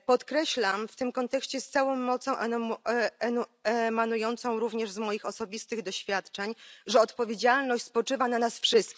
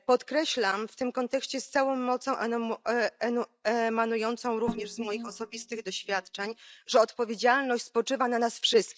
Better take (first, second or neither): first